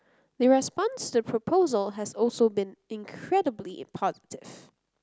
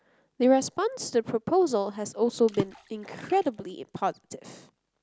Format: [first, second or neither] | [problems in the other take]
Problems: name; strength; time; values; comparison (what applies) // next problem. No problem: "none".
first | background sound (Water / Splash, splatter); 12 dB below the speech